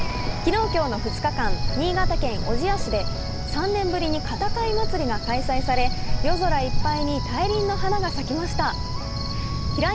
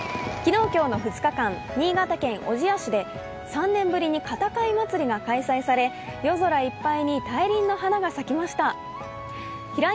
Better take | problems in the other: second | background sound (Cricket); 2 dB above the speech

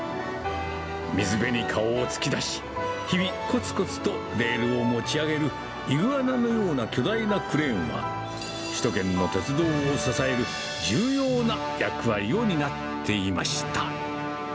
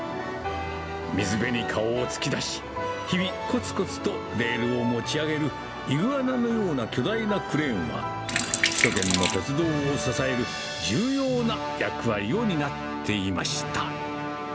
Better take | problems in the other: first | background sound (Sink (filling or washing)); 1 dB above the speech

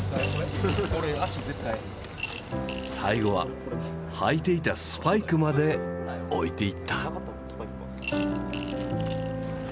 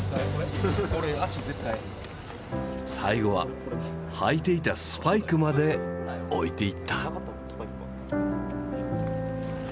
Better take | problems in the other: second | background sound (Coin (dropping) / Glass); 14 dB below the speech

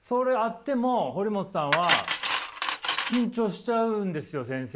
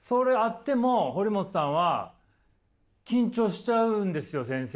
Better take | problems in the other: second | background sound (Cutlery, silverware); 4 dB below the speech

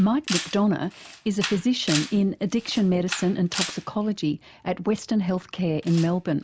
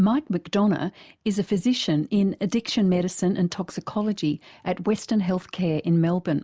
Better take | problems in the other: second | background sound (Camera); 12 dB below the speech

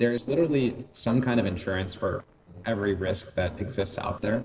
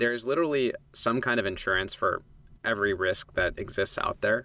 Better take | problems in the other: second | noise reduction (neural separator model SepFormer DNS4)

